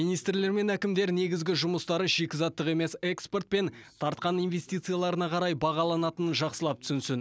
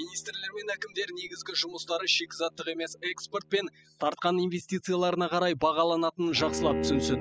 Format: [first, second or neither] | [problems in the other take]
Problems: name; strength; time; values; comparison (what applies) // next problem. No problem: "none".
first | noise reduction (classical method spectral subtraction)